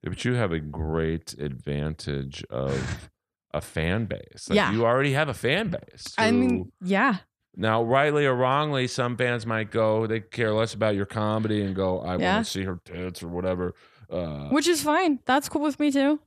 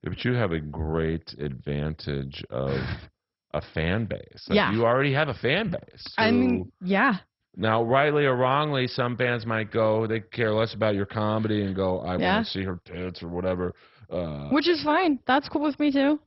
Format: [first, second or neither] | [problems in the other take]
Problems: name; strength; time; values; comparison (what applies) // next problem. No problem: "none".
first | garbled, watery; badly; nothing above 5.5 kHz